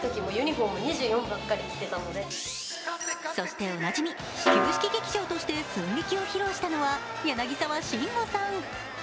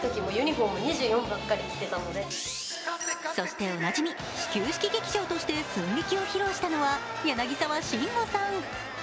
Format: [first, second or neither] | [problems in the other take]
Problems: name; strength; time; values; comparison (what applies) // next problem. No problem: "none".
second | background sound (Snare drum); as loud as the speech